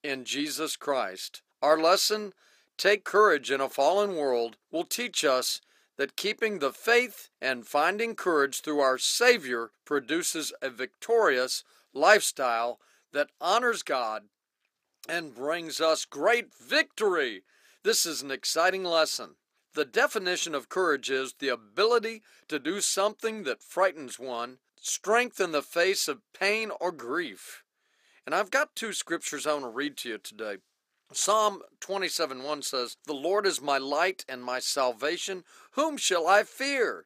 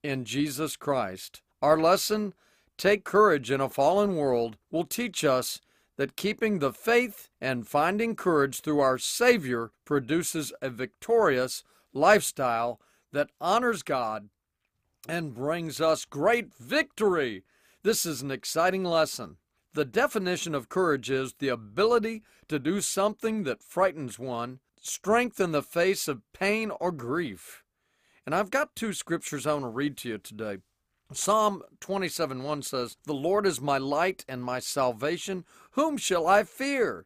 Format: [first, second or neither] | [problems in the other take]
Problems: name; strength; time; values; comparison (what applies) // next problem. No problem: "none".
second | thin; very slightly; fading below 350 Hz